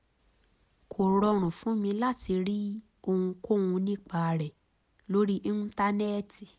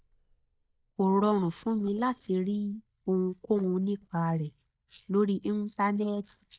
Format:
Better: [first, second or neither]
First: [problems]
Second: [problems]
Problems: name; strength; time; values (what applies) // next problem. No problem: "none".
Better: first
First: none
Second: noise reduction (neural mask model DeepFilterNet 3)